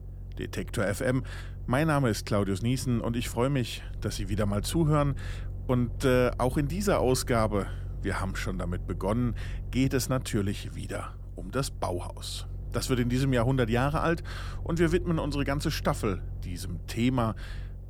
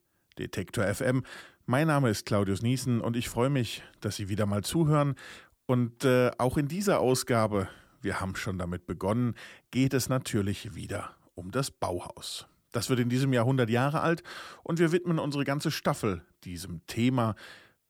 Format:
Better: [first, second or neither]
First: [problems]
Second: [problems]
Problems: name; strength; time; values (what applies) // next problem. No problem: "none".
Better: second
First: low rumble; faint; throughout; 25 dB below the speech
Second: none